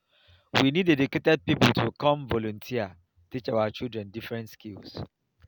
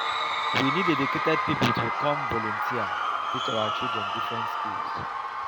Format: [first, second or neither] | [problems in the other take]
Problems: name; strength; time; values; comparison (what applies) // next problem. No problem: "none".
first | background sound (Crowd / Cheering); 3 dB above the speech